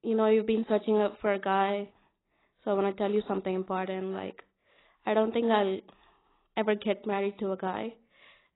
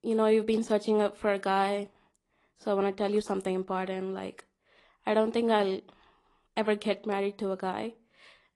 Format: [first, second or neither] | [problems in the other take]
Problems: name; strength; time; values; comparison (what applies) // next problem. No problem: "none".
second | garbled, watery; badly; nothing above 4 kHz; slightly in the second